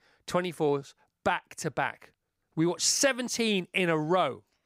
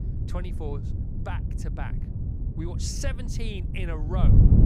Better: first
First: none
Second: wind noise on the microphone; heavy; 3 dB below the speech

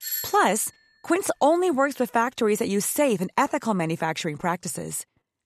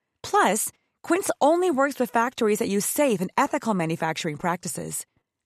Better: second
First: doorbell; noticeable; at the start; peak 4 dB below the speech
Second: none

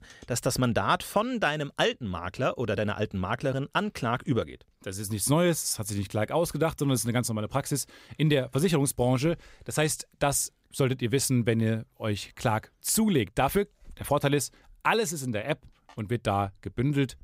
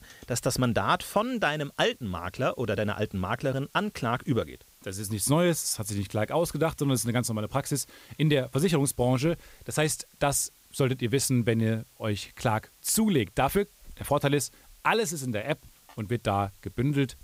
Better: first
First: none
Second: hiss; faint; throughout; 30 dB below the speech

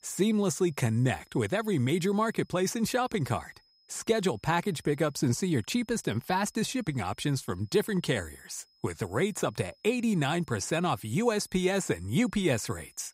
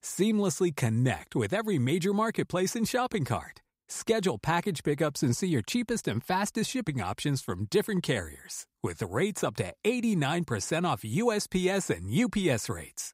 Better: second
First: high-pitched whine; faint; throughout; 5 kHz, 35 dB below the speech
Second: none

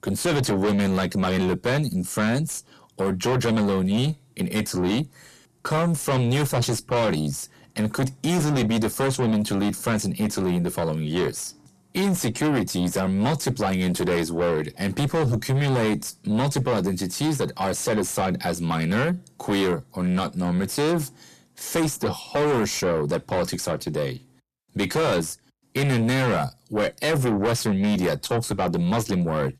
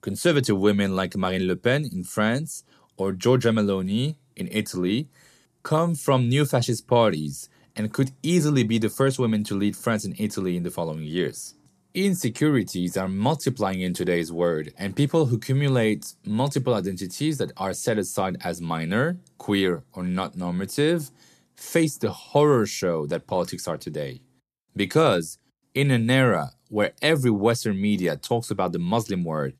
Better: second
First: distortion; heavy; 6 dB below the speech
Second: none

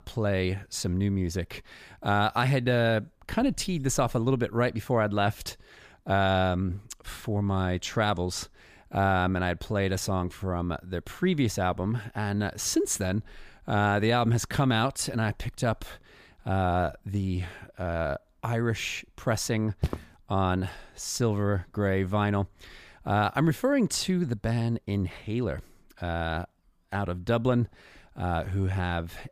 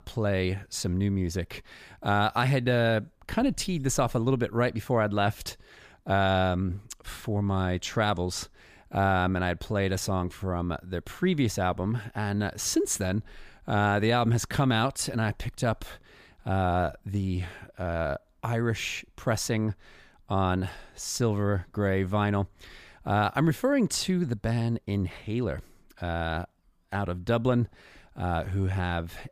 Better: second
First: footsteps; noticeable; at 20 s; peak 5 dB below the speech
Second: none

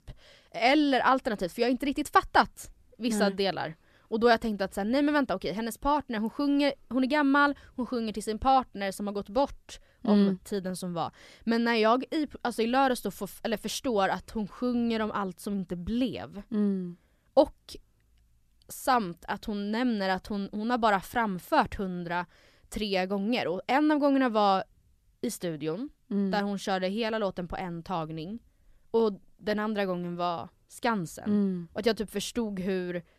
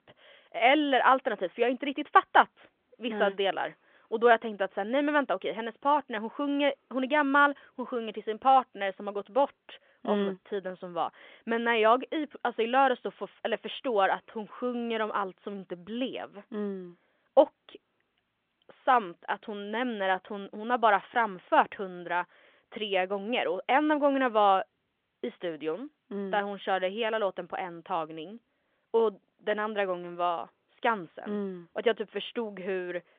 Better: first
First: none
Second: phone-call audio; nothing above 3.5 kHz

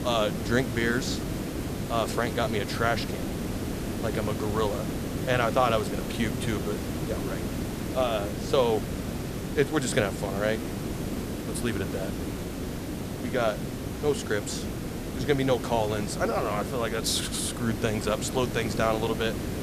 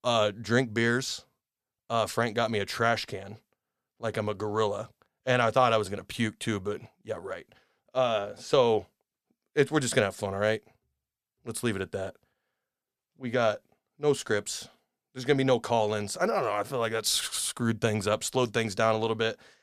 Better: second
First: hiss; loud; throughout; 4 dB below the speech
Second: none

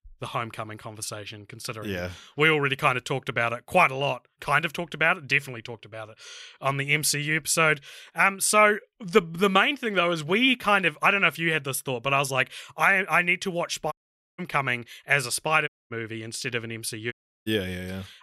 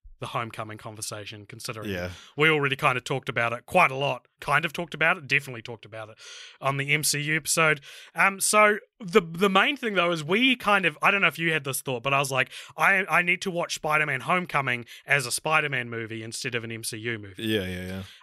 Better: second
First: audio cutting out; at 14 s, at 16 s and at 17 s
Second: none

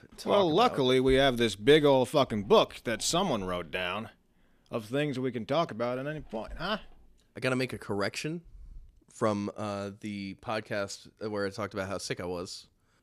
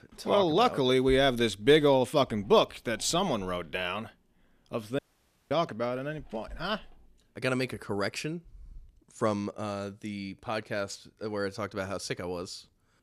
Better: first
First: none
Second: audio cutting out; at 5 s for 0.5 s

